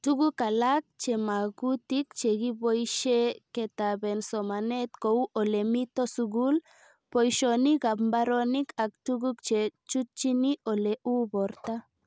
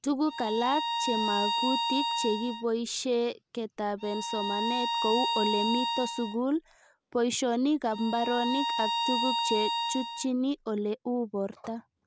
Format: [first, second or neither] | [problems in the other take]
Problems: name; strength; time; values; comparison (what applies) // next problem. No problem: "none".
first | background sound (Bowed string instrument); 1 dB below the speech